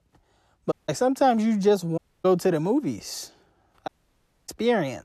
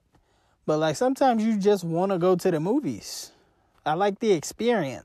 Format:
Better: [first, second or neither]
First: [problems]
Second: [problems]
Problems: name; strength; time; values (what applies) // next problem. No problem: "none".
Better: second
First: audio cutting out; at 0.5 s, at 2 s and at 4 s for 0.5 s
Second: none